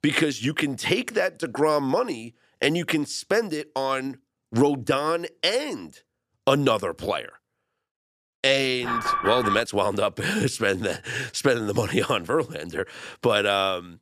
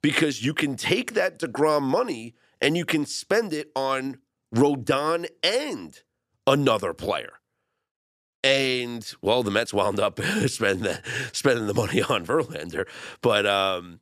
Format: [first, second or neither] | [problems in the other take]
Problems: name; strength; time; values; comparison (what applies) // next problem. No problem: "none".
second | alarm; noticeable; at 9 s; peak level with the speech